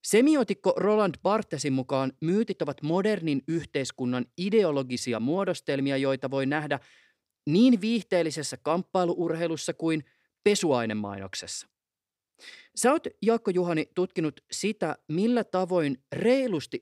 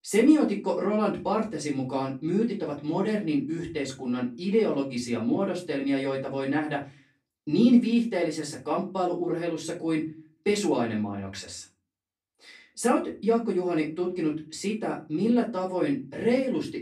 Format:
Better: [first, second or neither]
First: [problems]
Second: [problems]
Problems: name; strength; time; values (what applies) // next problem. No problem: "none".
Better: first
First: none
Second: off-mic speech; far // room echo; slight; dies away in 0.3 s